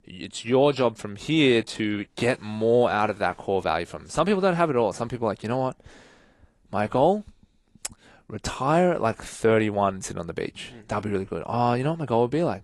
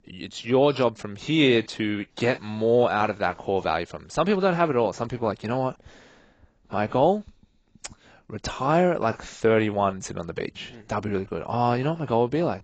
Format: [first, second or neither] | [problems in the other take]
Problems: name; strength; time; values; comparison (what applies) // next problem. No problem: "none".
first | garbled, watery; badly; nothing above 8 kHz; slightly in the first